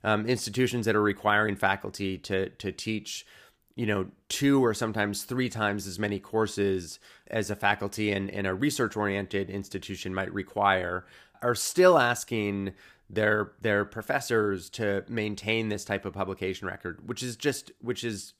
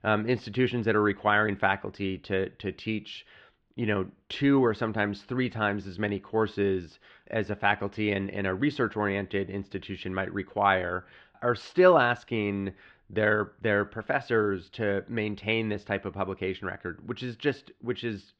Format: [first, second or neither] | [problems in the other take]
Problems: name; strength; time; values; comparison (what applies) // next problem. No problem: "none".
first | muffled; slightly; fading above 3.5 kHz